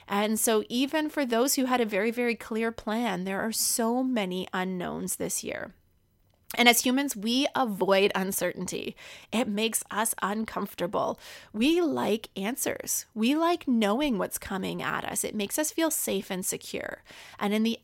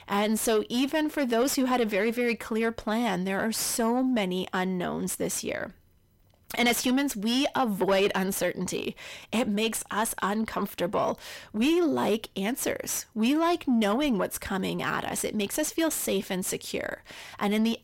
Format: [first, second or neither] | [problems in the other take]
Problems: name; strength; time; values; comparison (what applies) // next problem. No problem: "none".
first | distortion; slight; 10 dB below the speech